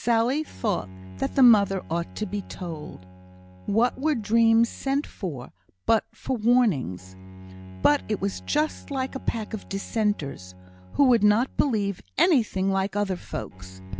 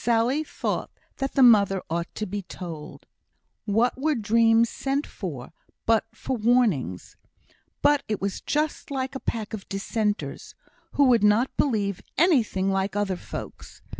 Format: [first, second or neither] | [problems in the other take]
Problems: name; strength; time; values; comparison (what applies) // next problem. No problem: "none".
second | background sound (Bowed string instrument); 19 dB below the speech